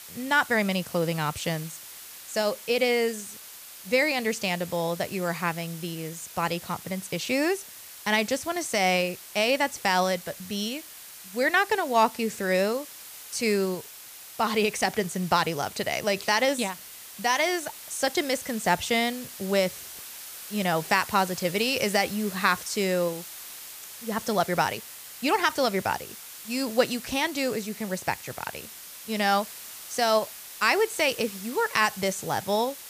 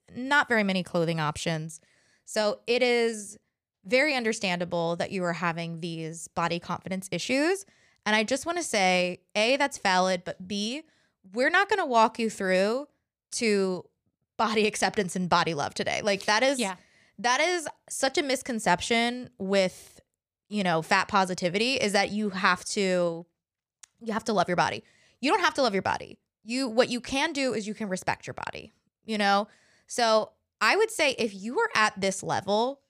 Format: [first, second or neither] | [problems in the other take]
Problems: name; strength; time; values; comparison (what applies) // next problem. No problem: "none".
second | hiss; noticeable; throughout; 15 dB below the speech